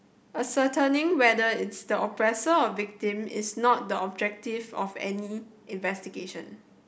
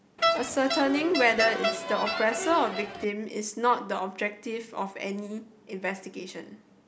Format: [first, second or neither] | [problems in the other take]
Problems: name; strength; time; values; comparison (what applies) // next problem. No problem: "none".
first | background sound (Crowd); 1 dB below the speech